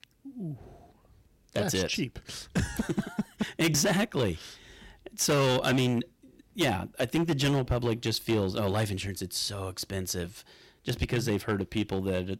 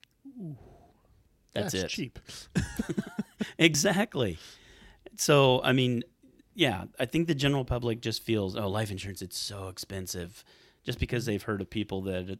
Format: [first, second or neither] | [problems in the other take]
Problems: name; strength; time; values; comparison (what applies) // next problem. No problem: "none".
second | distortion; heavy; 7% of the sound clipped